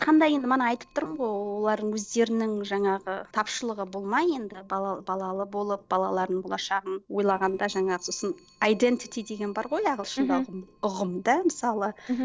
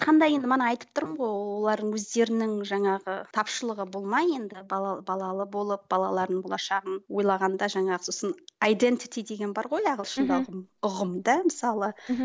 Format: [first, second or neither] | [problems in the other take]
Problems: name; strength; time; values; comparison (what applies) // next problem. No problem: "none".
second | noise reduction (neural separator model SepFormer DNS4)